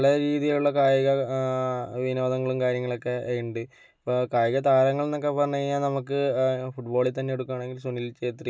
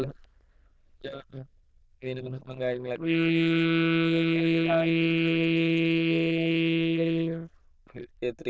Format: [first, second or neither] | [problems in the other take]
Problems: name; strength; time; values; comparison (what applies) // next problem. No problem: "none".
first | noise reduction (neural diffusion model UNIVERSE++)